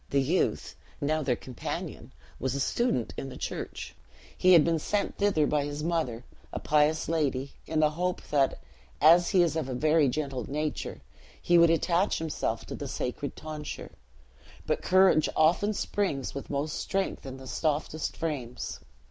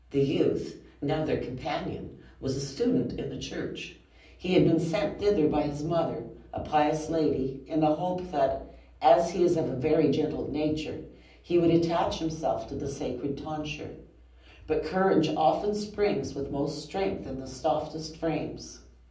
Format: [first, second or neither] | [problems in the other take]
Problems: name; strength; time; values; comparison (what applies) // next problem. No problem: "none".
first | room echo; dies away in 0.6 s